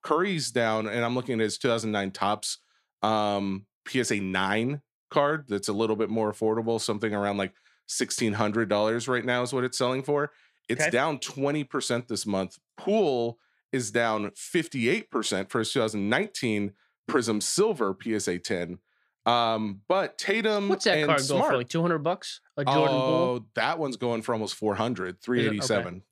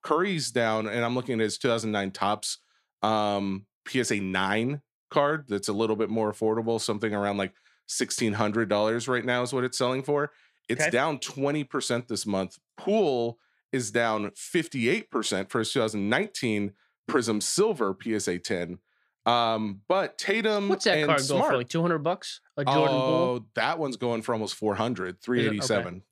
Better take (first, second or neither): neither